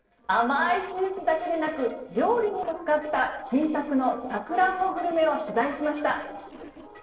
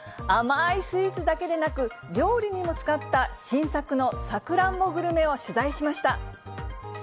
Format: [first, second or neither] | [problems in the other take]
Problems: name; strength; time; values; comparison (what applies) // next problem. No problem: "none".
second | noise reduction (neural separator model SepFormer DNS4)